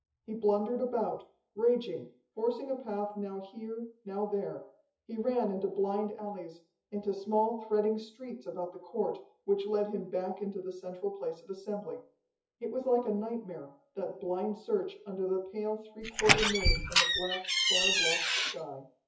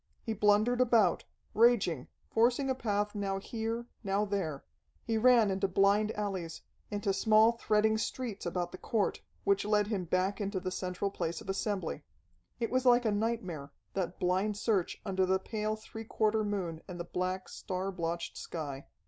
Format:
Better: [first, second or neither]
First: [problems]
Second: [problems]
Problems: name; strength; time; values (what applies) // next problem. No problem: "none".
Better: second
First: noise reduction (classical method WPE with log-MMSE)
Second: none